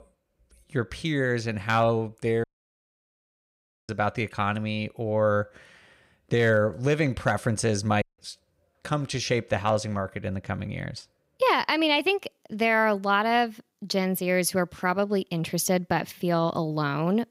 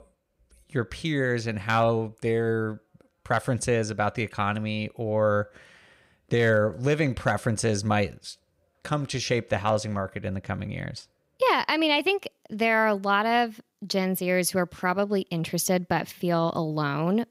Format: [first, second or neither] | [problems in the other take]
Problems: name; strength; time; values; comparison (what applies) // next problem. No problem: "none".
second | audio cutting out; at 2.5 s for 1.5 s and at 8 s